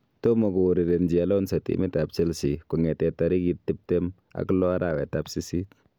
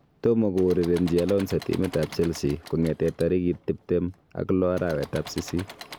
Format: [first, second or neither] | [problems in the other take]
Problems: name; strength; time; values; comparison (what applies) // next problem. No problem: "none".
first | background sound (Engine / Mechanisms); 19 dB below the speech